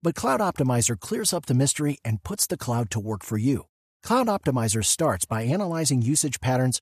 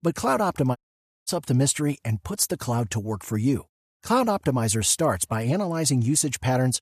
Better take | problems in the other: first | audio cutting out; at 1 s for 0.5 s

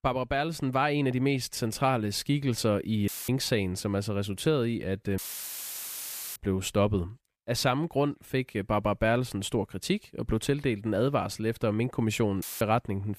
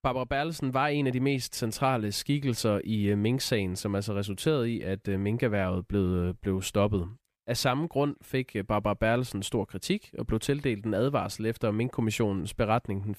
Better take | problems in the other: second | audio cutting out; filled with static; at 3 s, at 5 s for 1 s and at 12 s

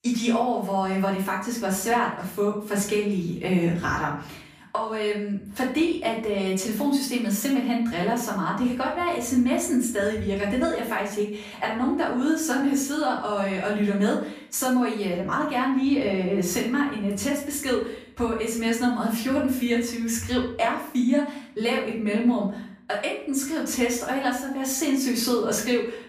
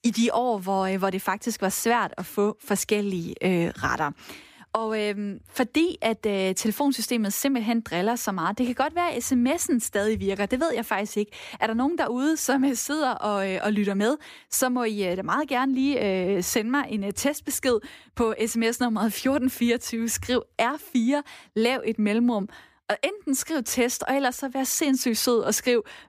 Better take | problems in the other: second | off-mic speech; far // room echo; slight; dies away in 0.5 s

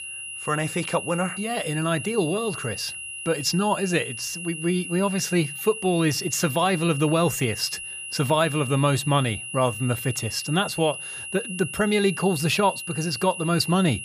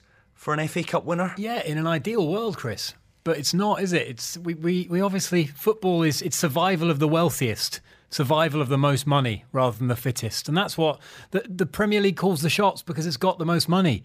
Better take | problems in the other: second | high-pitched whine; loud; throughout; 3 kHz, 8 dB below the speech

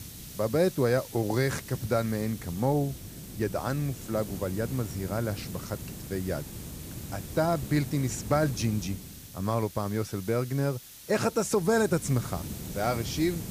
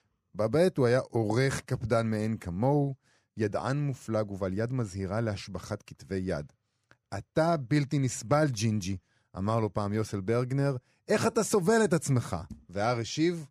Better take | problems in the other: second | hiss; noticeable; throughout; 10 dB below the speech

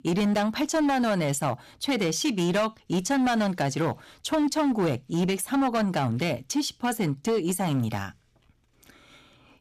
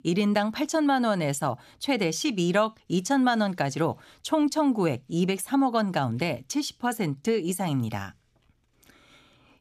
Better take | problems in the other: second | distortion; slight; 13% of the sound clipped

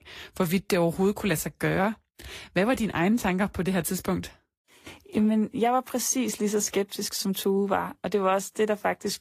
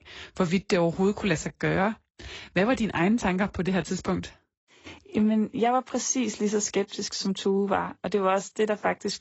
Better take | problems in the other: first | garbled, watery; badly; nothing above 7.5 kHz; slightly in the first

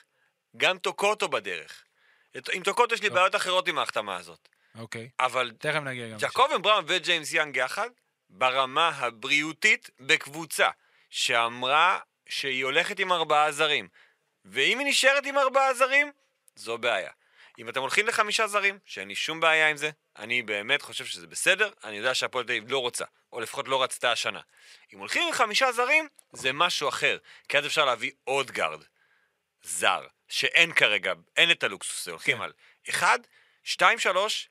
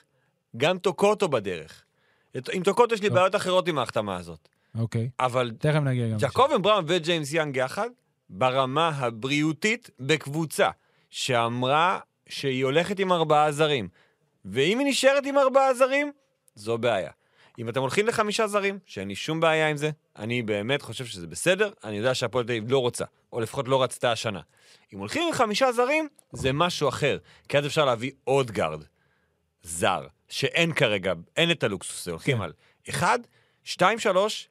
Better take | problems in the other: second | thin; somewhat; fading below 1 kHz

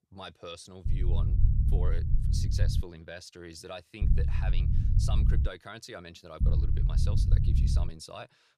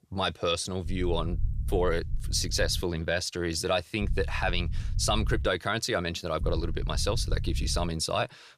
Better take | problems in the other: second | low rumble; loud; from 1 to 3 s, from 4 to 5.5 s and from 6.5 to 8 s; 2 dB below the speech; faint in the second

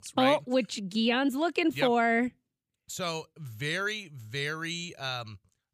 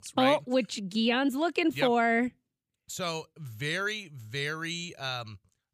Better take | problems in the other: neither | none

